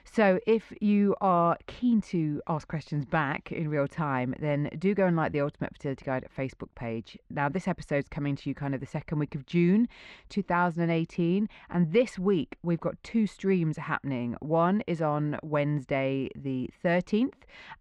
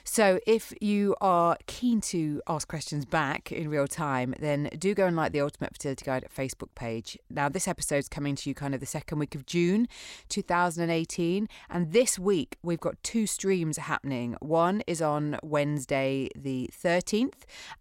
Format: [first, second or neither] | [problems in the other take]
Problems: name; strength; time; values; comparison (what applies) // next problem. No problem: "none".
second | muffled; very; fading above 2.5 kHz